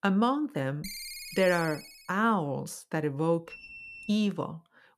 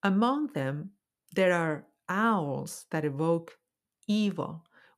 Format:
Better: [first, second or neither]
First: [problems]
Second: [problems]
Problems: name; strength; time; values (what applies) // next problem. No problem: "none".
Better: second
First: phone ringing; noticeable; from 1 to 2 s; peak 8 dB below the speech // alarm; faint; at 3.5 s; peak 15 dB below the speech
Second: none